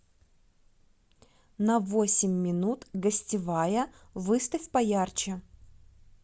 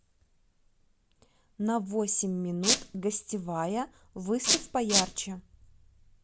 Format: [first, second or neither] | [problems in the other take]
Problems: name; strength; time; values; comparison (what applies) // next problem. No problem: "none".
first | background sound (Squeak); 5 dB above the speech